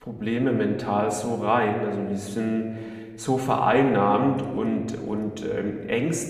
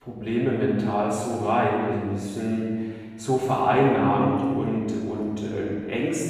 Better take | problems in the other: first | room echo; strong; dies away in 1.4 s; slight in the first // off-mic speech; far; somewhat distant in the first

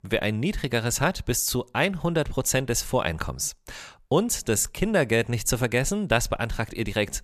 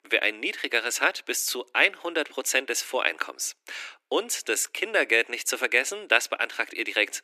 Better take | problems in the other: first | thin; very; fading below 300 Hz

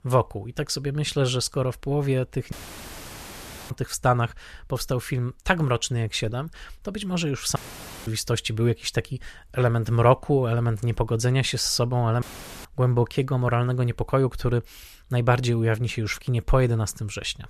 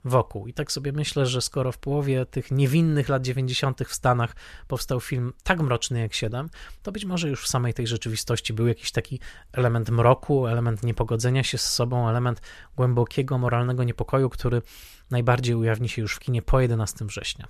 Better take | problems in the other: second | audio cutting out; filled with static; at 2.5 s for 1 s, at 7.5 s for 0.5 s and at 12 s

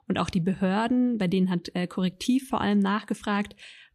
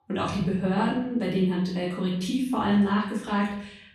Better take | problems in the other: first | off-mic speech; far // room echo; noticeable; dies away in 0.8 s

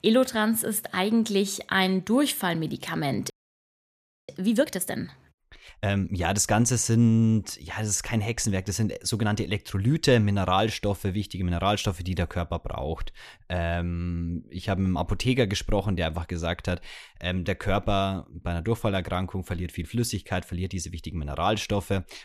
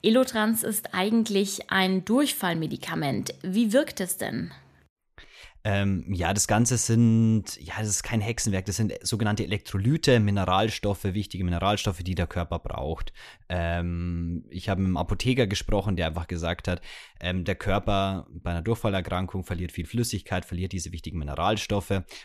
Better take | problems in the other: second | audio freezing; at 3.5 s for 1 s

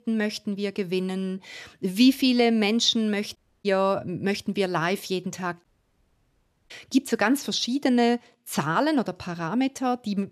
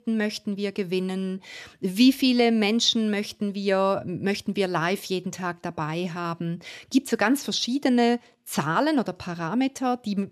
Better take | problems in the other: second | audio cutting out; at 3.5 s and at 5.5 s for 1 s

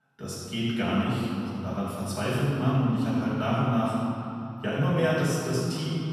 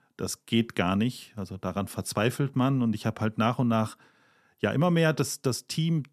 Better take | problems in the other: second | off-mic speech; far // room echo; strong; dies away in 2.6 s

